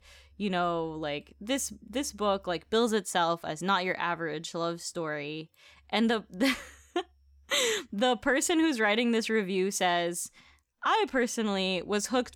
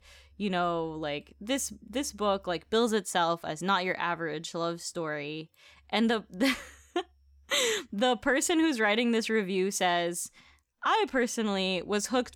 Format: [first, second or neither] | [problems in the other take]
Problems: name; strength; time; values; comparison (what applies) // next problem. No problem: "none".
neither | none